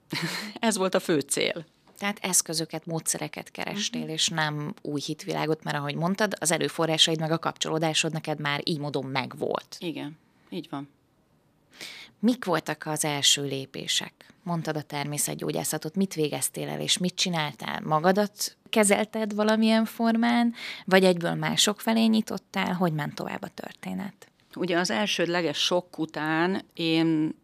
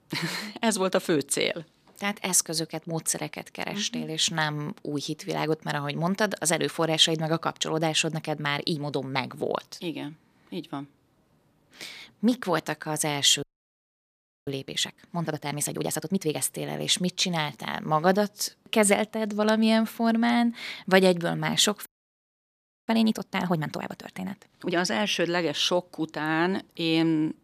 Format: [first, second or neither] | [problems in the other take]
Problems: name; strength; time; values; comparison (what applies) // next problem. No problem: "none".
first | audio freezing; at 13 s for 1 s and at 22 s for 1 s